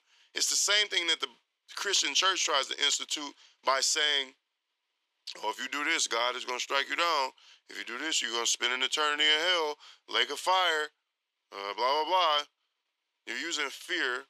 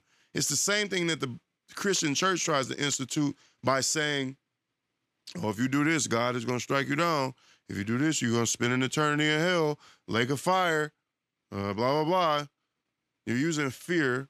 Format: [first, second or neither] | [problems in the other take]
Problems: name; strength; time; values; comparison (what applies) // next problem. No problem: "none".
second | thin; very; fading below 400 Hz